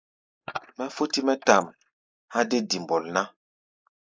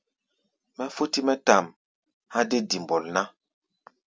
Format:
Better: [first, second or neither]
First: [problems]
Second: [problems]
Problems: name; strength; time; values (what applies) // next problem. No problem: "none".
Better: second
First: noise reduction (neural mask model Resemble Enhance denoiser)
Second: none